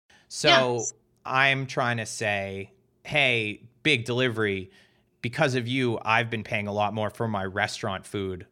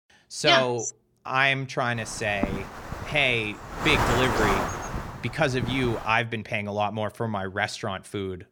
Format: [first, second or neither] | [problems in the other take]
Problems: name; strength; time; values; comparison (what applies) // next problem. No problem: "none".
first | wind noise on the microphone; heavy; from 2 to 6 s; 4 dB below the speech